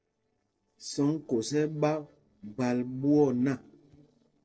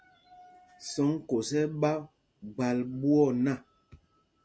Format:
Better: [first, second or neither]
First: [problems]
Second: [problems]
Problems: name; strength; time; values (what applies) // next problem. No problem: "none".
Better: second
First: noise reduction (neural separator model SepFormer DNS4)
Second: none